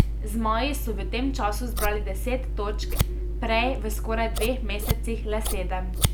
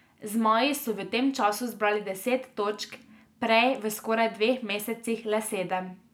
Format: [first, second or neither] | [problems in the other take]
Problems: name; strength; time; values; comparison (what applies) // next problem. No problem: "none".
second | background sound (Scissors); 3 dB above the speech